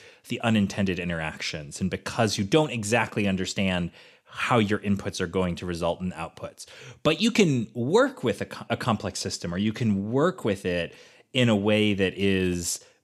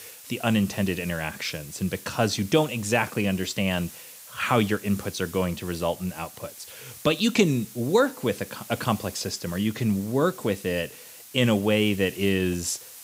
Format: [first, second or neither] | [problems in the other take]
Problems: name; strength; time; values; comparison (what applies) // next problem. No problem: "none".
first | hiss; noticeable; throughout; 15 dB below the speech